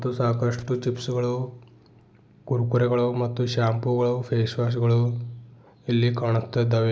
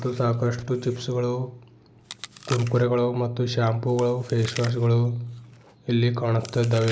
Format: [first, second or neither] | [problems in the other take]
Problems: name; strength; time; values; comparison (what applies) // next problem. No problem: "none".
first | background sound (Chewing, mastication); 19 dB below the speech